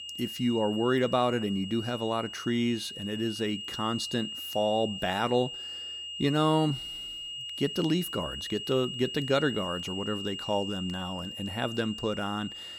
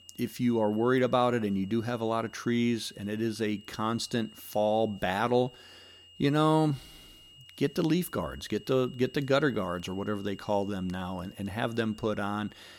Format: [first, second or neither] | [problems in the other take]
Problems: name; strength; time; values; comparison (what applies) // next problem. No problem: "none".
second | high-pitched whine; loud; throughout; 3 kHz, 7 dB below the speech; faint in the second